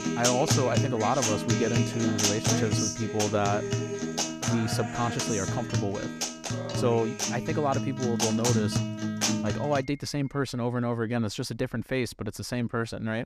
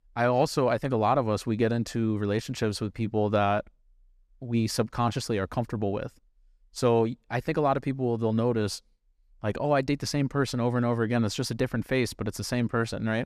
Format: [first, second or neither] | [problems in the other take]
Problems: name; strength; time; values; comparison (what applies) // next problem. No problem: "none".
second | background music; very loud; throughout; 1 dB above the speech